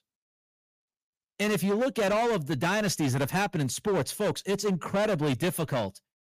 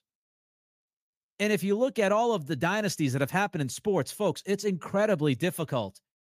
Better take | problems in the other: second | distortion; heavy; 17% of the sound clipped

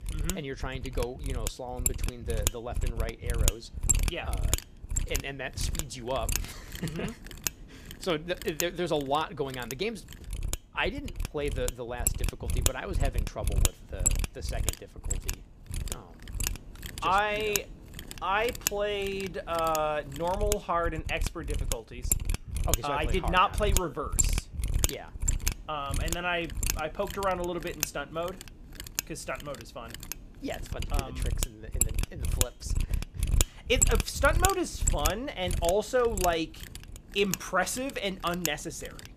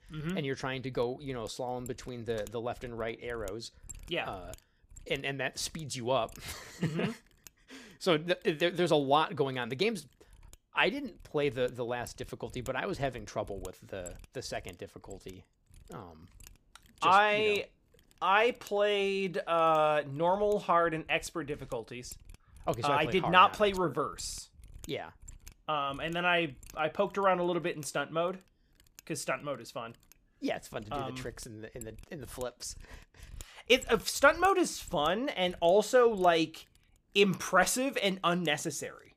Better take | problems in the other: second | machinery noise; loud; throughout; 1 dB below the speech; faint in the second

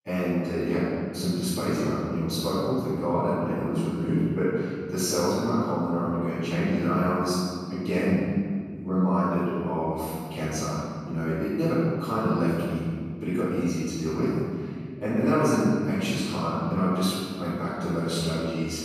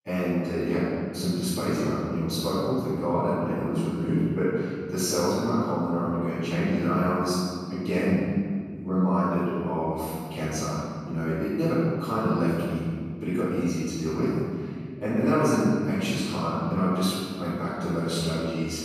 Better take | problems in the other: neither | off-mic speech; far; the same in both // room echo; strong; dies away in 2.2 s; the same in both

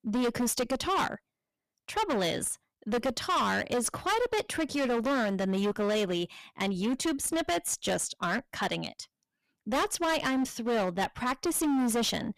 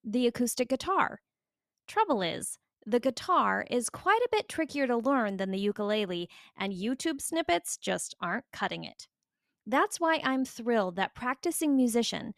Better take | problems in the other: second | distortion; heavy; 19% of the sound clipped

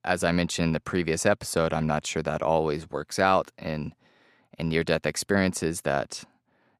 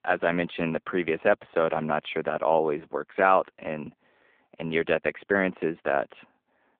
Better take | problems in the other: first | phone-call audio

